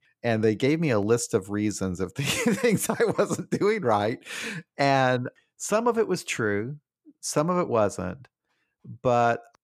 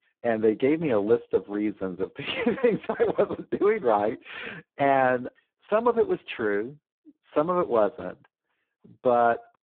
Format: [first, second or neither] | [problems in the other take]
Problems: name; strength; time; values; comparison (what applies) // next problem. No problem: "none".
first | phone-call audio; poor line